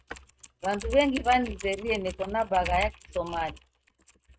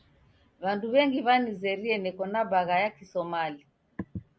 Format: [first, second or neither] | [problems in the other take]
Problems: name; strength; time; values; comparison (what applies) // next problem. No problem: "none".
second | noise reduction (neural mask model RNNoise)